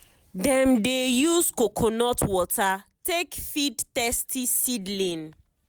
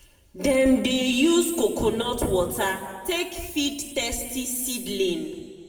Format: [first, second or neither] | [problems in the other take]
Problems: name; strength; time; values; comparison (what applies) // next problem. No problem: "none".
first | room echo; dies away in 1.5 s